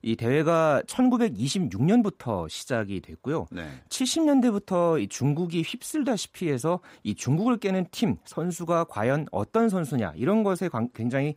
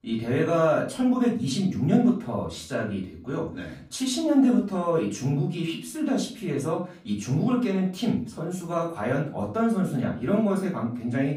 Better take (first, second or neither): first